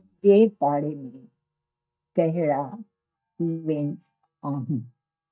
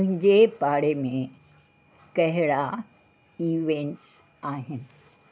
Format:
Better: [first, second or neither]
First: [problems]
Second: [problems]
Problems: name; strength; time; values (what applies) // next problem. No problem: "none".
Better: second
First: noise reduction (neural mask model DeepFilterNet 3)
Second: none